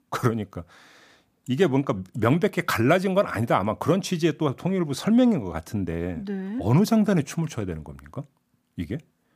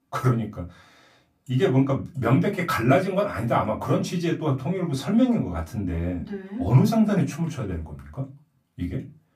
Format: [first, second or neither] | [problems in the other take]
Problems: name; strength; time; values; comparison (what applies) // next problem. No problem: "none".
first | off-mic speech; far // room echo; very slight; dies away in 0.2 s